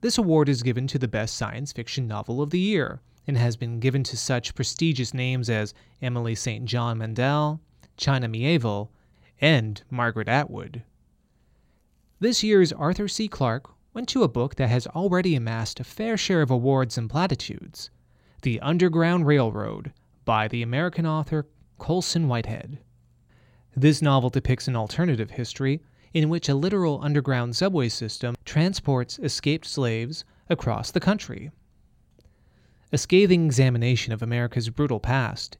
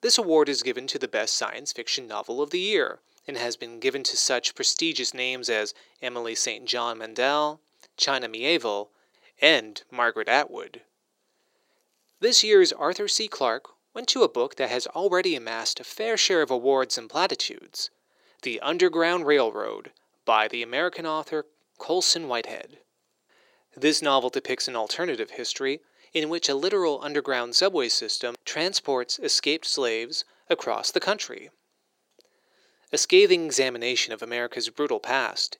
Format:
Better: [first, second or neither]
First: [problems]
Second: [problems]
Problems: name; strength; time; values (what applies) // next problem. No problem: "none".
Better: first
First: none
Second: thin; very; fading below 400 Hz